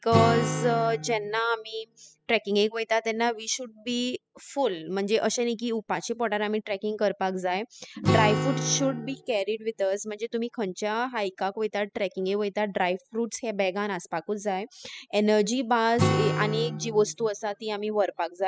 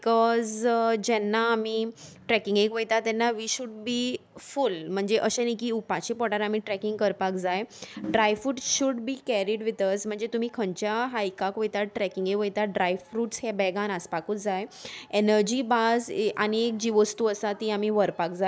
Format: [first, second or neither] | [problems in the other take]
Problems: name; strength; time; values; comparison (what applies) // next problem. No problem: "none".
second | noise reduction (classical method spectral subtraction)